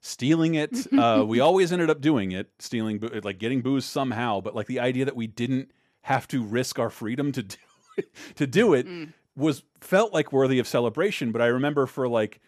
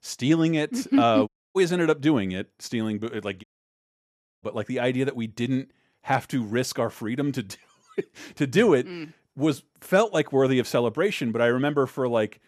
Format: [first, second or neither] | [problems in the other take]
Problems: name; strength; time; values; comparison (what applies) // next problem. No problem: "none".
first | audio cutting out; at 1.5 s and at 3.5 s for 1 s